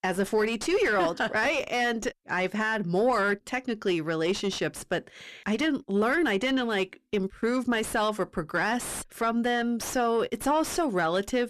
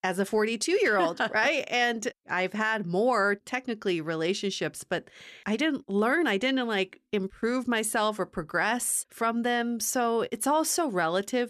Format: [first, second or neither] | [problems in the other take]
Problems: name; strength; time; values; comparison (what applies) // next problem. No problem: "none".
second | distortion; slight; 10 dB below the speech